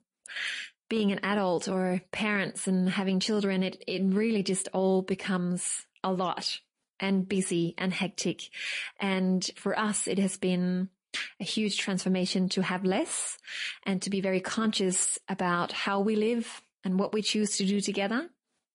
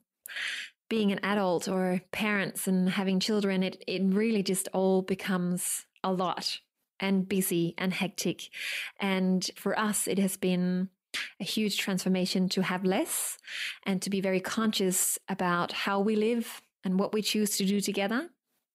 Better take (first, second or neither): second